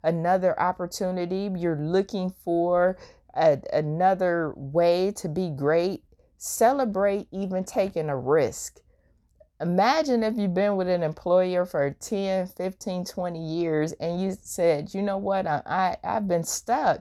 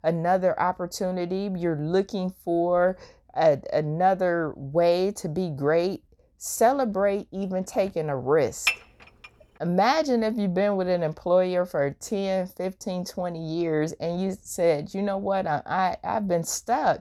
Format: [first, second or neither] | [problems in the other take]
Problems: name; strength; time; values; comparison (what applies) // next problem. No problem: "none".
first | clattering dishes; noticeable; at 8.5 s; peak level with the speech